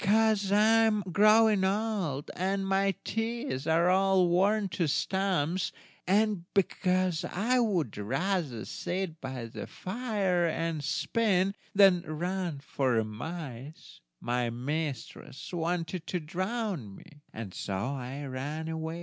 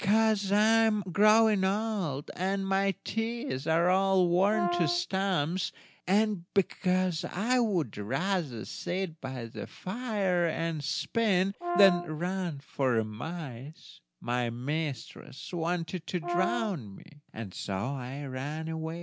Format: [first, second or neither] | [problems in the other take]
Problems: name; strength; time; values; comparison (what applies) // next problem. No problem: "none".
first | background sound (Brass instrument); 6 dB below the speech